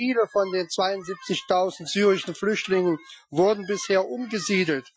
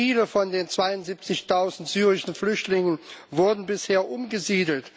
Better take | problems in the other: second | noise reduction (classical method Wiener filter)

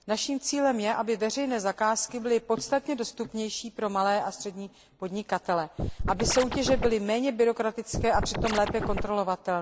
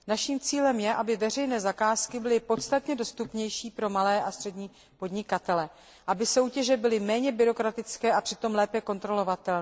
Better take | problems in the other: second | background sound (Scratching (performance technique)); 2 dB below the speech

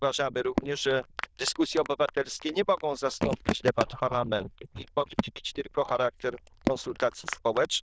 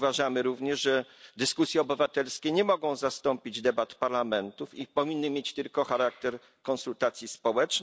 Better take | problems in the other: second | noise reduction (neural diffusion model UNIVERSE++)

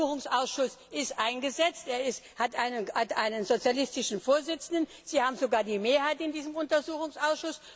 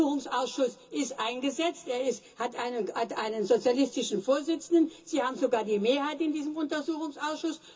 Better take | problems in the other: first | room echo; dies away in 0.2 s

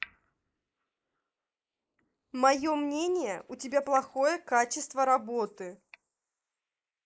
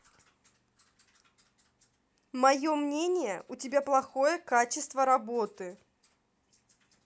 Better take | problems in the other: second | noise reduction (neural mask model Resemble Enhance denoiser)

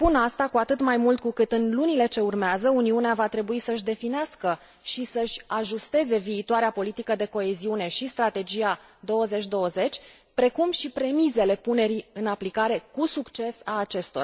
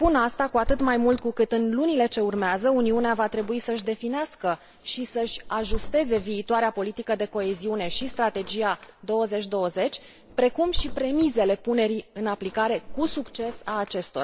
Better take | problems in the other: first | background sound (Drawer open or close); 11 dB below the speech

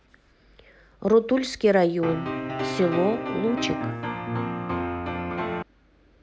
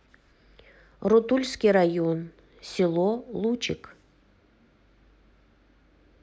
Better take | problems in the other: second | background sound (Piano); 2 dB below the speech

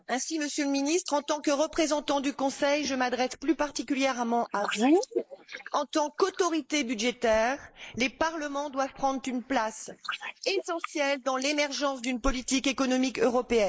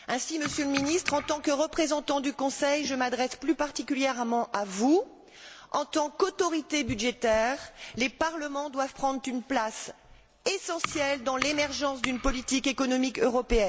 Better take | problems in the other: second | noise reduction (neural mask model Resemble Enhance denoiser)

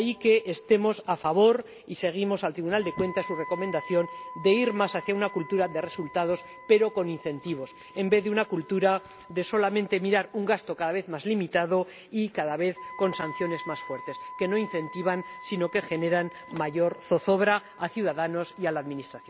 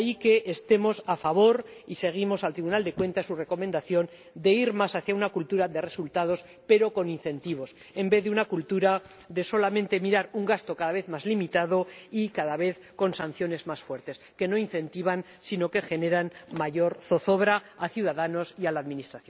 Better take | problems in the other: second | background sound (Wind instrument, woodwind instrument); 17 dB below the speech

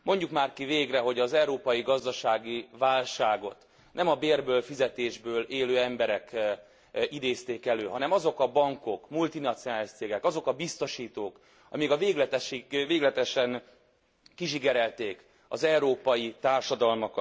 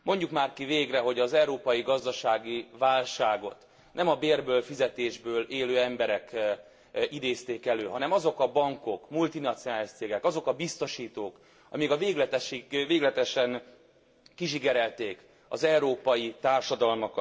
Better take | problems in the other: first | room echo; dies away in 0.4 s

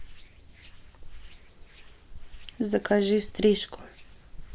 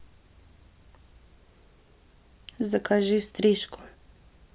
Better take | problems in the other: second | noise reduction (neural mask model Resemble Enhance denoiser)

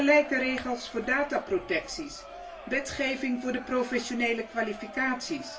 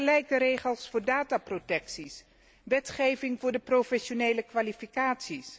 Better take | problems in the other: second | background sound (Crowd); 15 dB below the speech // room echo; dies away in 0.2 s

